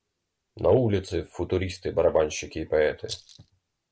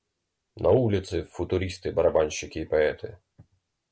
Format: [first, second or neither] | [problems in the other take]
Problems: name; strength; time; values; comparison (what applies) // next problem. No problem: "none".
second | background sound (Rattle); 14 dB below the speech